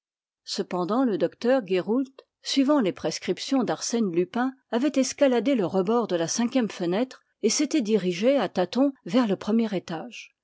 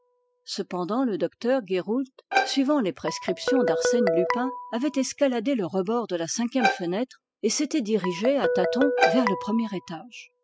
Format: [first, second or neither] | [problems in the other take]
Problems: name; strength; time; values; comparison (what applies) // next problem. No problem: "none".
first | noise reduction (classical method spectral subtraction)